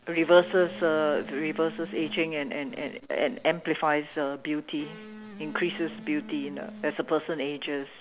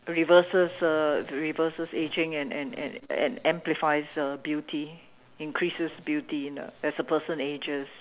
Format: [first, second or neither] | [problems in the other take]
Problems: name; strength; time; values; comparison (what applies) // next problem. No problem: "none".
second | background sound (Electric guitar); 16 dB below the speech